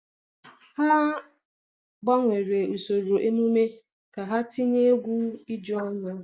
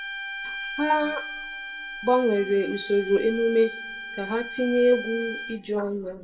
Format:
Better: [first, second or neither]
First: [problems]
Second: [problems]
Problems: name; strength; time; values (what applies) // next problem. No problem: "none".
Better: first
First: none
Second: background sound (Bowed string instrument); 10 dB below the speech // room echo; dies away in 1.4 s